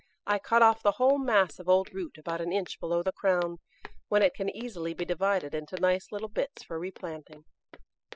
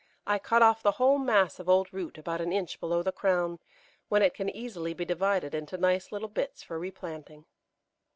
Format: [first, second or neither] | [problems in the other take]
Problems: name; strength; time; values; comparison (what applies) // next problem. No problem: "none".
second | noise reduction (classical method spectral subtraction)